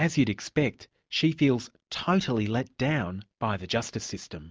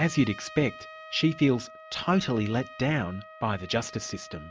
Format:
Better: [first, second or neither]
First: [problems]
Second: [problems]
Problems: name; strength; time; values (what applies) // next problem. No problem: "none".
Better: first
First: none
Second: background sound (Trumpet); 17 dB below the speech